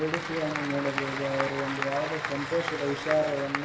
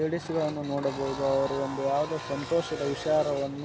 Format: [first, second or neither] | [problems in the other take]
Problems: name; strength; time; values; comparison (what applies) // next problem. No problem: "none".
second | background sound (Applause / Crowd); 4 dB below the speech // room echo; dies away in 0.8 s